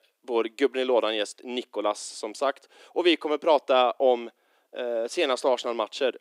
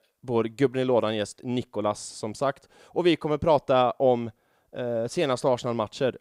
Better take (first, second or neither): second